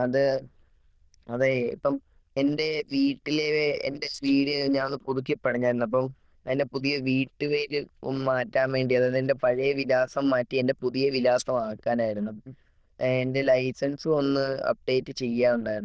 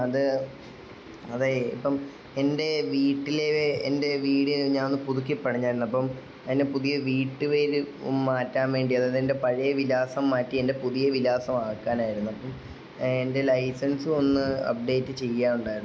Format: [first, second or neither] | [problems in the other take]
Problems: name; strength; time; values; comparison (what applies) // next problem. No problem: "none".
second | noise reduction (neural diffusion model UNIVERSE++)